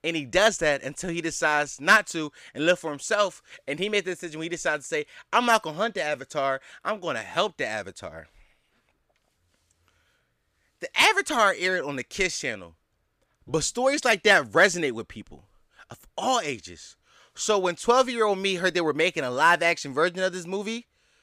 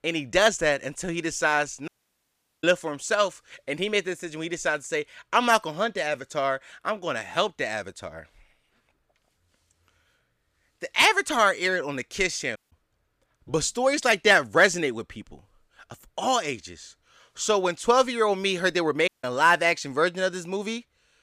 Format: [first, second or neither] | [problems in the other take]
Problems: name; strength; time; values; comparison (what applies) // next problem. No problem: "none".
first | audio cutting out; at 2 s for 1 s, at 13 s and at 19 s